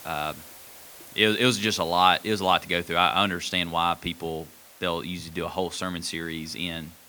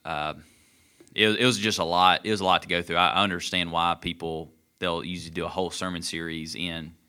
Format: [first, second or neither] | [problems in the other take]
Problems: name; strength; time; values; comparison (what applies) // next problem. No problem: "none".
second | hiss; faint; throughout; 20 dB below the speech